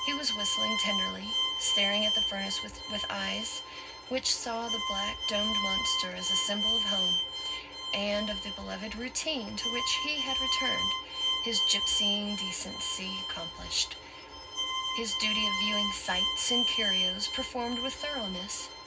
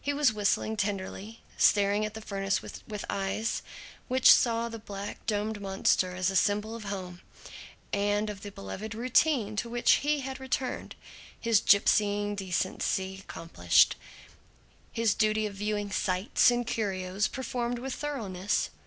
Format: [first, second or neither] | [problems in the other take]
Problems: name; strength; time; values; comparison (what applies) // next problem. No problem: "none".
second | background sound (Bowed string instrument); 3 dB above the speech // room echo; dies away in 0.4 s